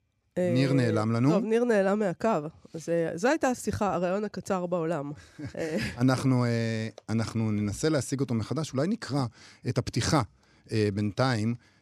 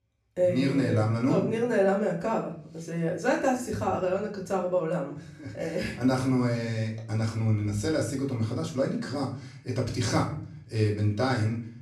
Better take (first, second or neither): first